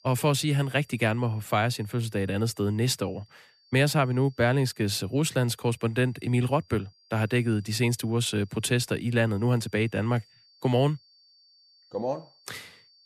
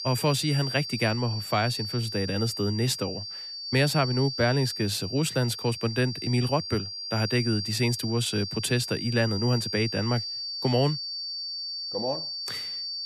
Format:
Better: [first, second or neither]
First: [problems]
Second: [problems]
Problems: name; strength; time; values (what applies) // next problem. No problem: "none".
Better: first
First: high-pitched whine; faint; throughout; 4.5 kHz, 30 dB below the speech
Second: high-pitched whine; loud; throughout; 4.5 kHz, 5 dB below the speech